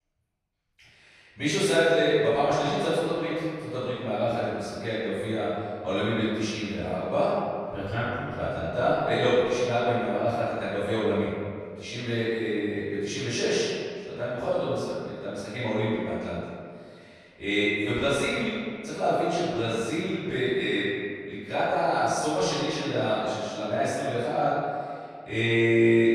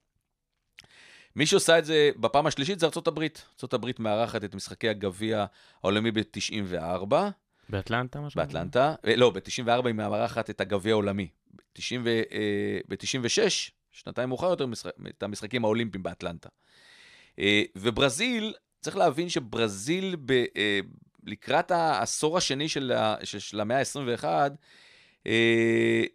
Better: second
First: room echo; strong; dies away in 1.9 s // off-mic speech; far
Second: none

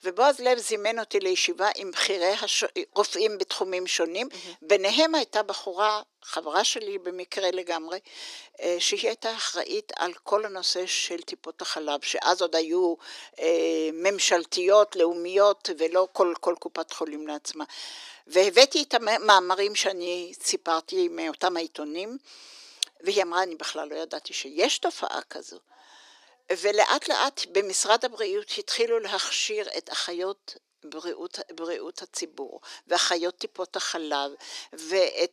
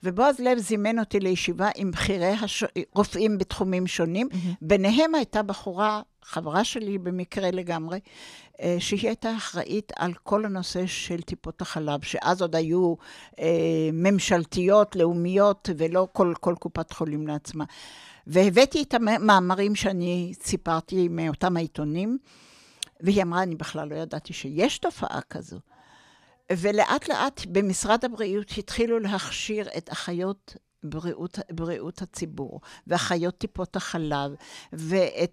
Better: second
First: thin; very; fading below 300 Hz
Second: none

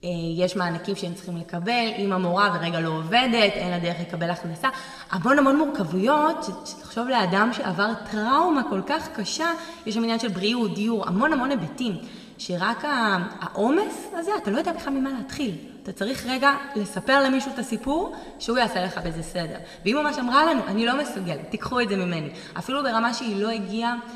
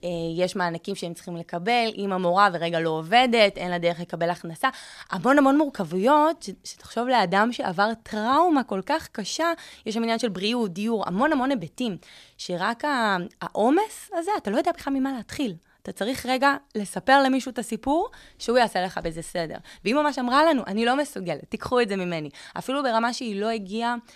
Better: second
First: room echo; slight; dies away in 2.4 s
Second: none

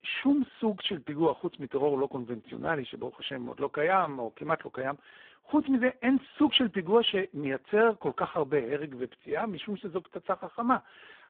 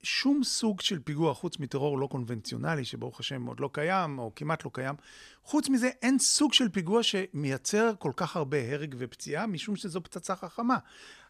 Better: second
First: phone-call audio; poor line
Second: none

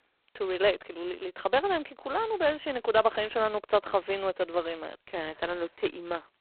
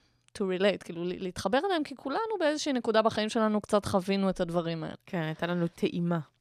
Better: second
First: phone-call audio; poor line; nothing above 4 kHz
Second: none

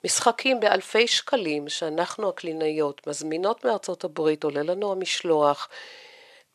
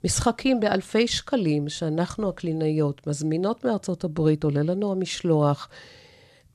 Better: second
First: thin; somewhat; fading below 500 Hz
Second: none

